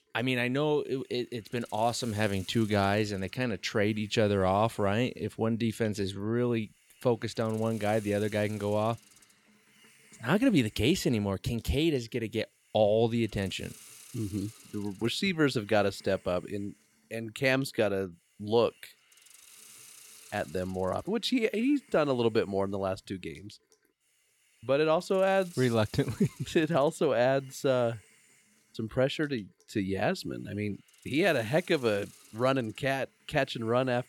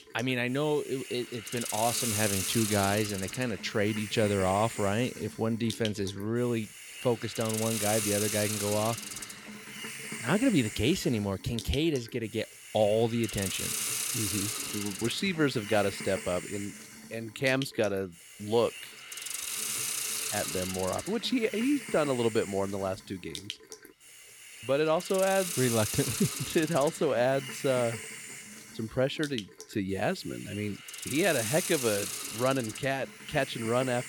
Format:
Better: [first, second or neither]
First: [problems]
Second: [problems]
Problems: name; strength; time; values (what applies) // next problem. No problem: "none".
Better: first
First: hiss; faint; throughout; 25 dB below the speech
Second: hiss; loud; throughout; 5 dB below the speech